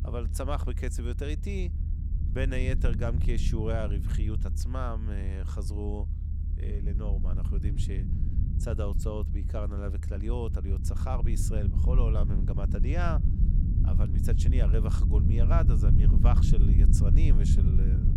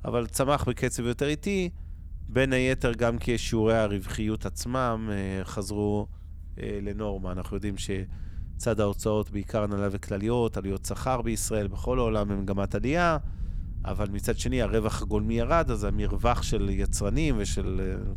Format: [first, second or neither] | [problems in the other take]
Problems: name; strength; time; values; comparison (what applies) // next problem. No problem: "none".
second | low rumble; loud; throughout; 4 dB below the speech; faint in the second